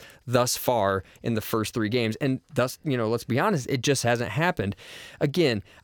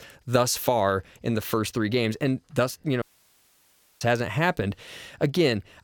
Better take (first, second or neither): first